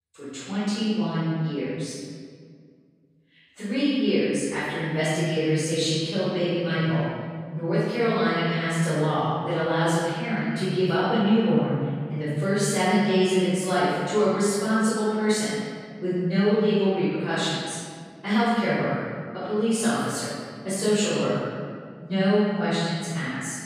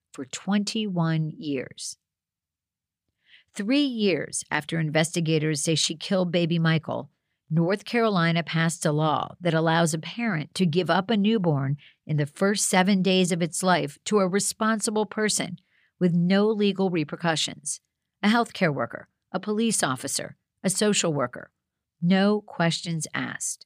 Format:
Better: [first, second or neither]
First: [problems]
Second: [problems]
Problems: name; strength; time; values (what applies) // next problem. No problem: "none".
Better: second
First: off-mic speech; far // room echo; strong; dies away in 1.8 s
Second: none